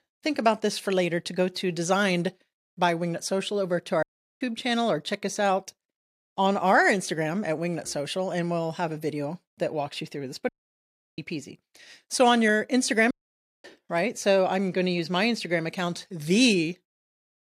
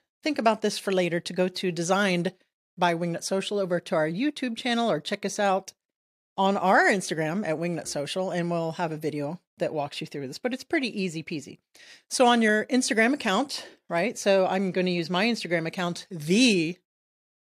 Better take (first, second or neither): second